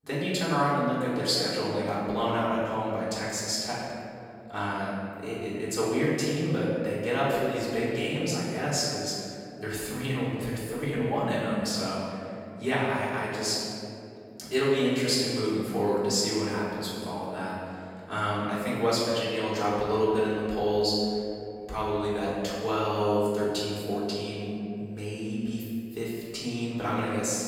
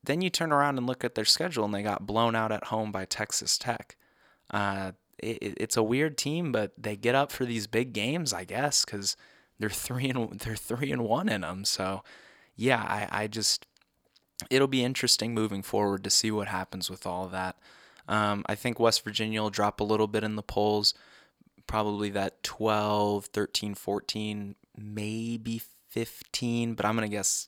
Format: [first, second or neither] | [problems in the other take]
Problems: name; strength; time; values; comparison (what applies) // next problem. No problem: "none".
second | off-mic speech; far // room echo; strong; dies away in 2.5 s